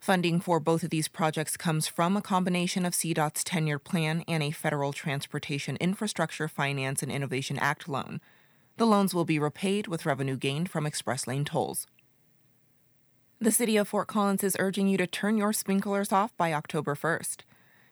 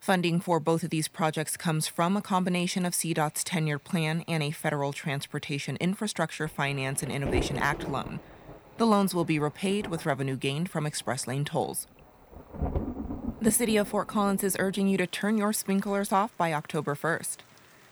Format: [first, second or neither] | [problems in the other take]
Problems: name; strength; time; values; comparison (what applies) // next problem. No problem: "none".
first | rain or running water; noticeable; throughout; 10 dB below the speech